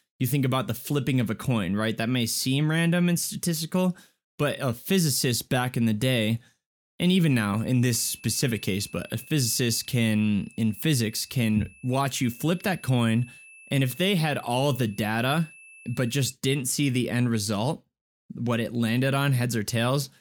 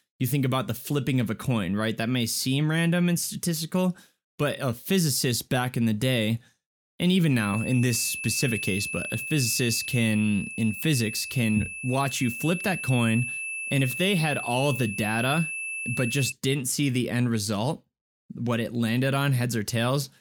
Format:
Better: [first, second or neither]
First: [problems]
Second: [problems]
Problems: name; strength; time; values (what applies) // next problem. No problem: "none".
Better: first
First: high-pitched whine; faint; from 7.5 to 16 s; 2.5 kHz, 25 dB below the speech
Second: high-pitched whine; loud; from 7.5 to 16 s; 2.5 kHz, 6 dB below the speech